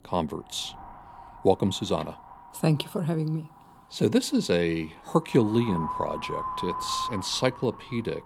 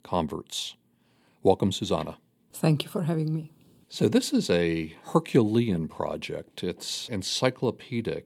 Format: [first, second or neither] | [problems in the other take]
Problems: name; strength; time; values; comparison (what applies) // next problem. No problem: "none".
second | wind noise on the microphone; heavy; 5 dB below the speech